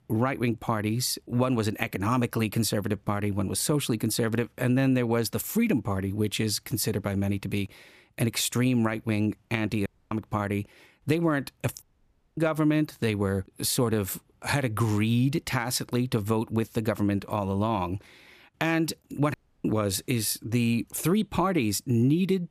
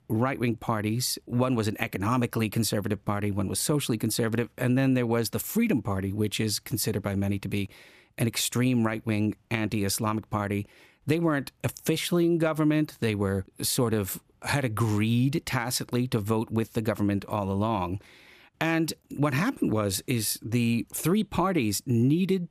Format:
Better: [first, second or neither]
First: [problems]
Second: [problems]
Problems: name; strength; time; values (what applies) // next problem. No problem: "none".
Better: second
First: audio cutting out; at 10 s, at 12 s for 0.5 s and at 19 s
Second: none